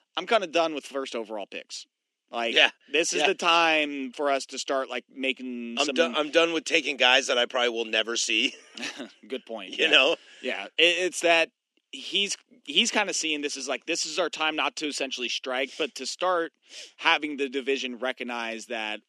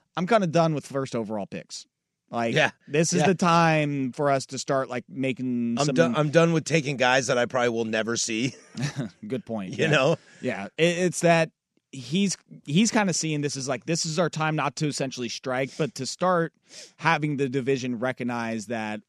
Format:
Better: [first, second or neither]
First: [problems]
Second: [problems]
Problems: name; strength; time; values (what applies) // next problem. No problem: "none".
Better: second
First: thin; somewhat; fading below 250 Hz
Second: none